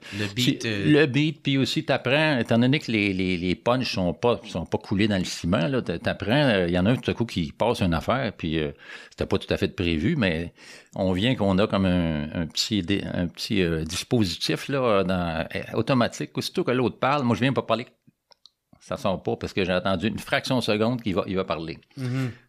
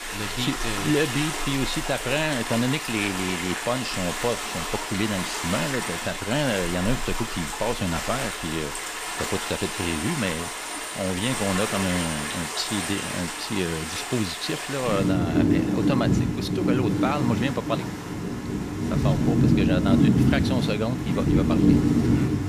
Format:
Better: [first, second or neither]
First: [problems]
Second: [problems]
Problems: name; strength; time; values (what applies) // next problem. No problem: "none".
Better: first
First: none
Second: rain or running water; very loud; throughout; 2 dB above the speech